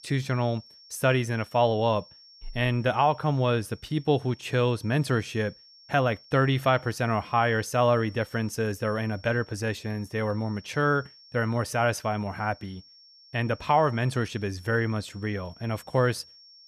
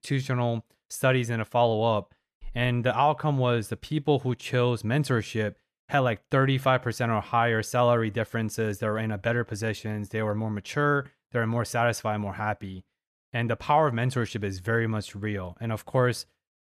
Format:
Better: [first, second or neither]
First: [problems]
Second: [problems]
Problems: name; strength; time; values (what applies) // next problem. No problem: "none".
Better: second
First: high-pitched whine; faint; throughout; 5.5 kHz, 25 dB below the speech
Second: none